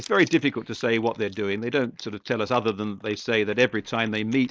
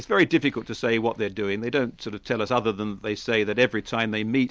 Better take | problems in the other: second | noise reduction (neural mask model Resemble Enhance denoiser)

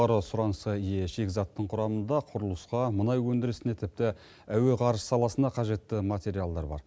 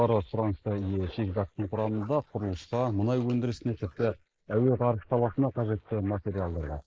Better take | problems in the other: first | noise reduction (neural mask model Resemble Enhance denoiser)

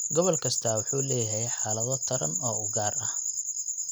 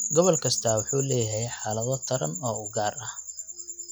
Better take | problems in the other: first | noise reduction (classical method log-MMSE)

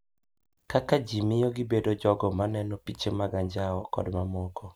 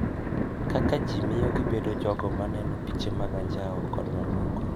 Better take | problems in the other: first | background sound (Thunder); 3 dB above the speech

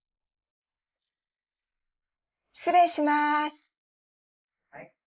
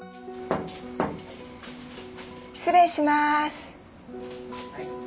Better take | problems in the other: second | noise reduction (neural mask model Resemble Enhance denoiser)

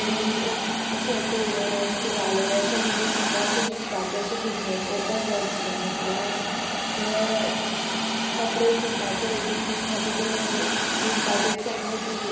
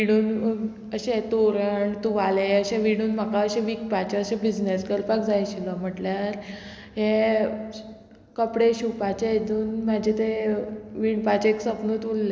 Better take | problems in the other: second | background sound (Hiss); 2 dB above the speech // room echo; dies away in 1 s

